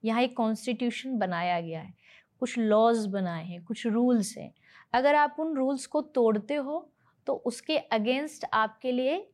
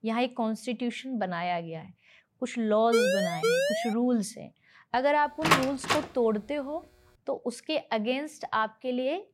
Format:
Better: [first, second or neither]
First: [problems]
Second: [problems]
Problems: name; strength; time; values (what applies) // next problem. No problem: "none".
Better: first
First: none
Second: siren; loud; from 3 to 4 s; peak 4 dB above the speech // door banging; loud; at 5.5 s; peak 5 dB above the speech